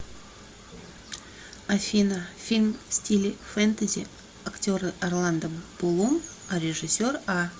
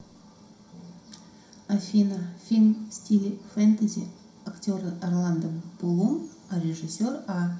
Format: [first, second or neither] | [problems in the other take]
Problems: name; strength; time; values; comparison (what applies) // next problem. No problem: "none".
first | room echo; dies away in 0.5 s